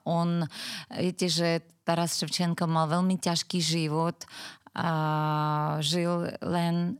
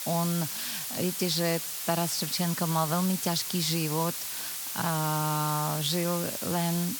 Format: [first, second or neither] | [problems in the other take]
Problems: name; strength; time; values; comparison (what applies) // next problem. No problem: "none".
first | hiss; loud; throughout; 3 dB below the speech